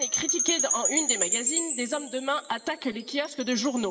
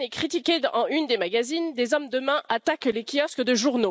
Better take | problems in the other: second | background sound (Wind chime / Percussion); 1 dB above the speech // room echo; dies away in 2.8 s

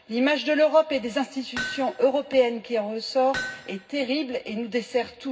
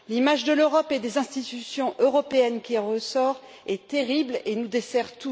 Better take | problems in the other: second | background sound (Hammer); 13 dB below the speech // room echo; dies away in 0.4 s

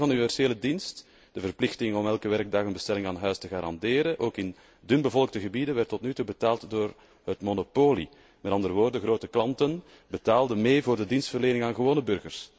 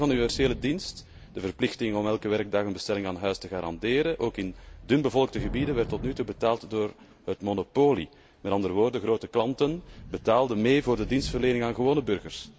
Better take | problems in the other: first | background sound (Thunder / Rain); 15 dB below the speech

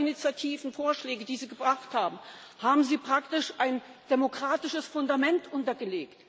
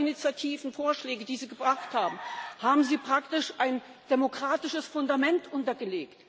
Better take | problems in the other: first | background sound (Chicken, rooster); 15 dB below the speech

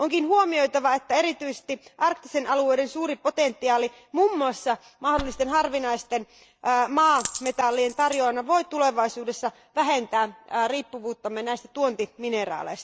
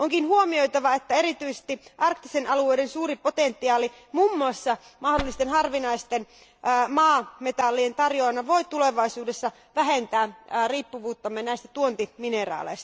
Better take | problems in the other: second | noise reduction (neural mask model DeepFilterNet 3)

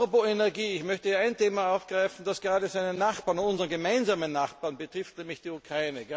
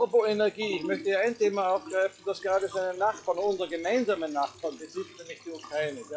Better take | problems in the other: first | noise reduction (classical method log-MMSE)

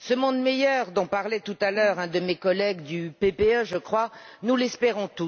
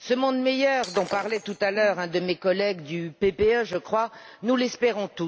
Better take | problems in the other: first | background sound (Shatter); 15 dB below the speech

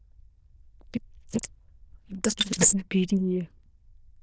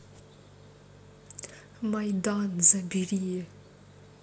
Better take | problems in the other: second | noise reduction (neural diffusion model UNIVERSE++)

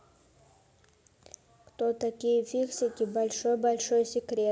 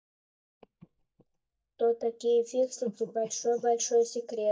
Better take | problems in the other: first | noise reduction (neural mask model DeepFilterNet 3)

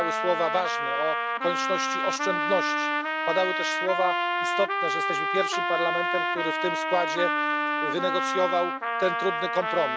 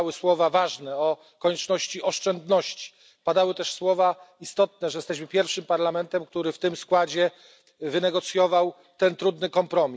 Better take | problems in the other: second | background sound (Trumpet); 2 dB above the speech

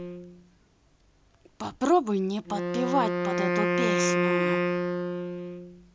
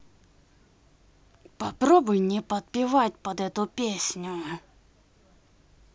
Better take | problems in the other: second | background sound (Wind instrument, woodwind instrument); 2 dB above the speech

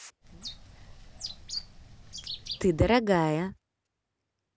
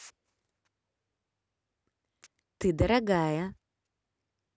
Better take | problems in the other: second | background sound (Bird); 11 dB below the speech

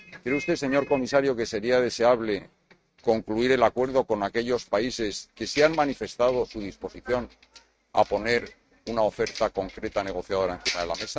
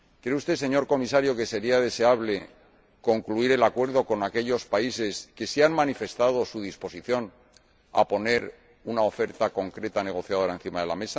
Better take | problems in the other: second | noise reduction (neural mask model RNNoise)

